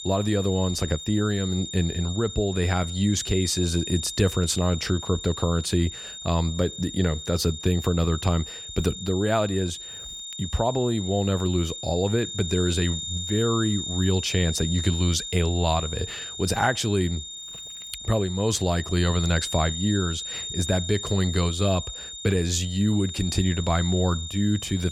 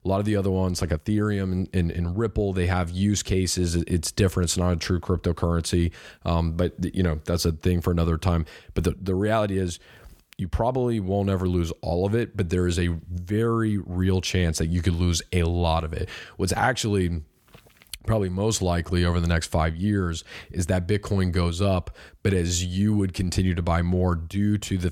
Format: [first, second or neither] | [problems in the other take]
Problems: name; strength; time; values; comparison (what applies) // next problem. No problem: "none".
second | high-pitched whine; loud; throughout; 3.5 kHz, 8 dB below the speech